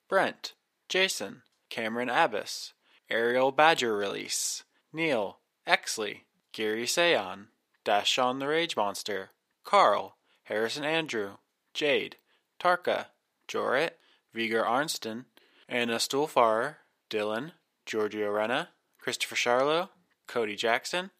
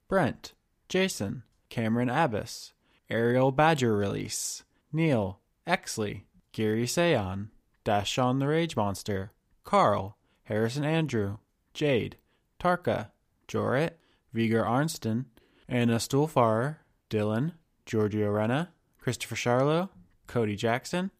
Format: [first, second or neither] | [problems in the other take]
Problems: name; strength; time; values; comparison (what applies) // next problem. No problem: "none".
second | thin; somewhat; fading below 400 Hz